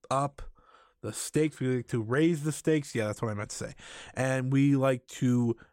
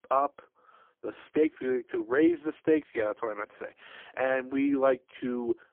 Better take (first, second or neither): first